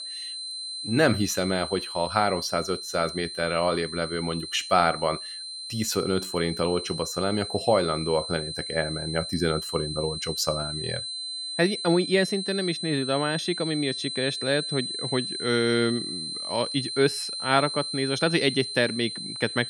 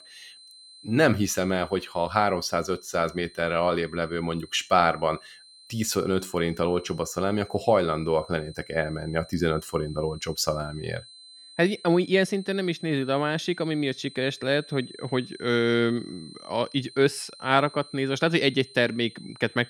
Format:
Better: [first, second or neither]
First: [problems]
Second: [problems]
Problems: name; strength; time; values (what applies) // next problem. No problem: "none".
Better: second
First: high-pitched whine; loud; throughout; 4 kHz, 5 dB below the speech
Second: high-pitched whine; faint; throughout; 4 kHz, 20 dB below the speech